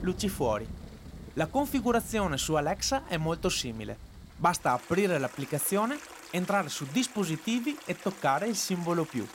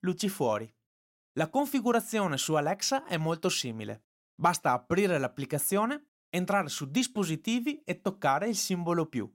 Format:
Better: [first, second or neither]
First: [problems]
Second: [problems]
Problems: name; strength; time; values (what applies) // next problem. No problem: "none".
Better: second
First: rain or running water; noticeable; throughout; 15 dB below the speech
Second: none